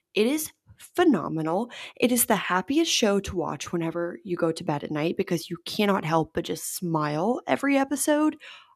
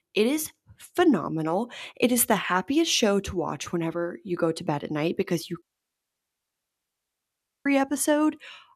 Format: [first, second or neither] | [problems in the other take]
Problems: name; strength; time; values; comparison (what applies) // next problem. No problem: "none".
first | audio cutting out; at 5.5 s for 2 s